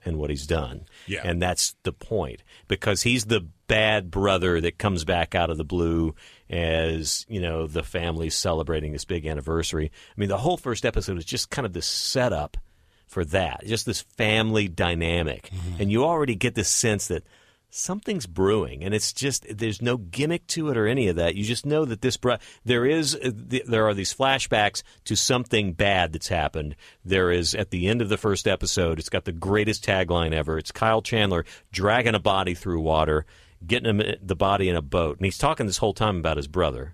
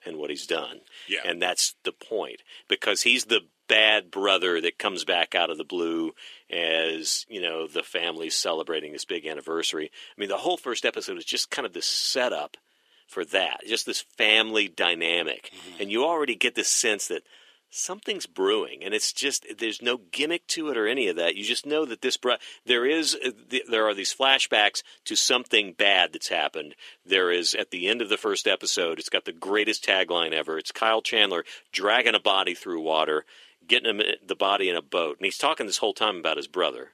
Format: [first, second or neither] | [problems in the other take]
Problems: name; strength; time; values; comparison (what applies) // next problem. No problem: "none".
first | thin; somewhat; fading below 300 Hz